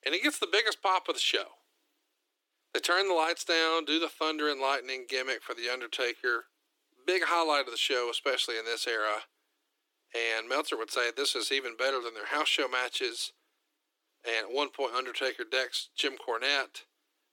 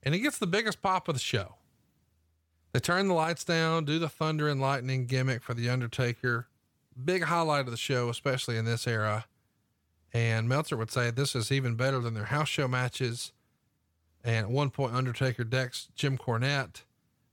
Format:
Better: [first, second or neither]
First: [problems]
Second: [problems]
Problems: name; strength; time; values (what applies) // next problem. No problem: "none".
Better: second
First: thin; very; fading below 300 Hz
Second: none